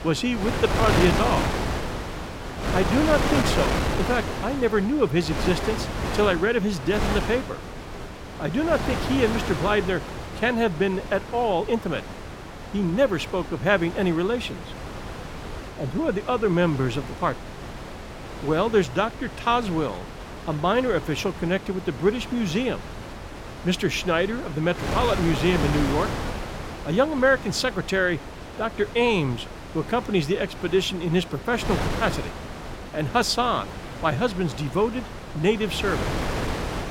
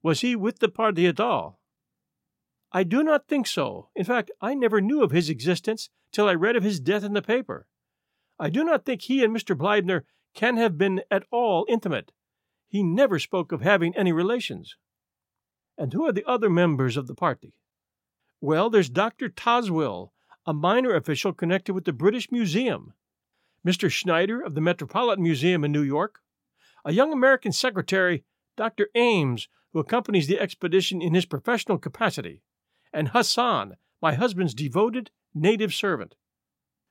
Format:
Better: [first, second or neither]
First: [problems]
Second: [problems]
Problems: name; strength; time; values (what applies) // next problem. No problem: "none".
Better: second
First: wind noise on the microphone; heavy; 7 dB below the speech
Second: none